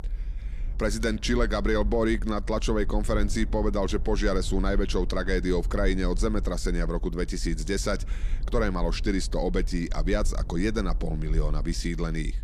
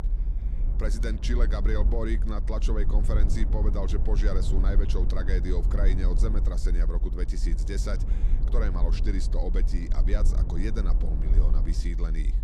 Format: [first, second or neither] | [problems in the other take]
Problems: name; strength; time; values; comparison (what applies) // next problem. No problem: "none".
first | low rumble; loud; throughout; 8 dB below the speech; faint in the first